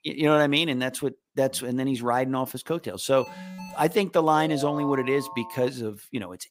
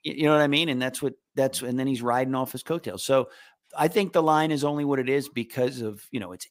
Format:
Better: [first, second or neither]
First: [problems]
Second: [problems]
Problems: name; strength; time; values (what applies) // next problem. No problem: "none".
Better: second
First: alarm; faint; at 3 s; peak 15 dB below the speech // phone ringing; noticeable; from 4.5 to 5.5 s; peak 9 dB below the speech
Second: none